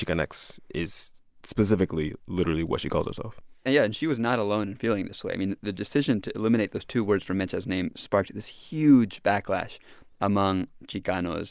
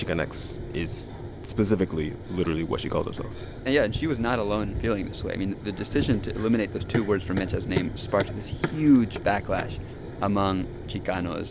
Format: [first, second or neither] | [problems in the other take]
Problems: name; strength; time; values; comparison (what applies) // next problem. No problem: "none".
first | background sound (Run); 7 dB below the speech